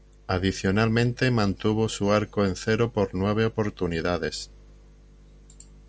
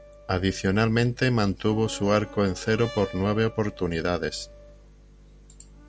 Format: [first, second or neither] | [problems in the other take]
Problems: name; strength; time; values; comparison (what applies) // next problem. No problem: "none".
first | background sound (Acoustic guitar + Brass instrument); 20 dB below the speech